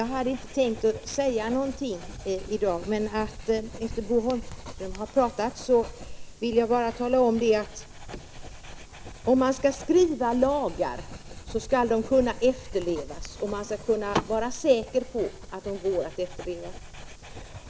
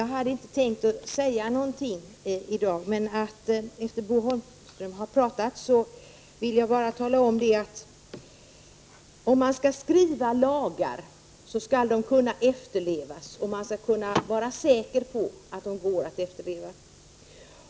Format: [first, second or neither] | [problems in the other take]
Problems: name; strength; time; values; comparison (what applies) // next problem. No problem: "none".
second | background sound (Writing); 13 dB below the speech